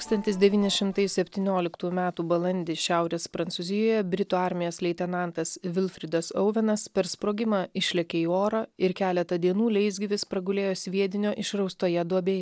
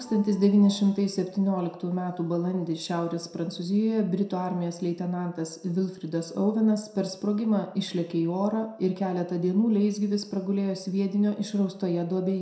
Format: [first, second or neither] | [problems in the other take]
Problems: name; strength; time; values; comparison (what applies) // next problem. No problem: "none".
first | room echo; dies away in 0.6 s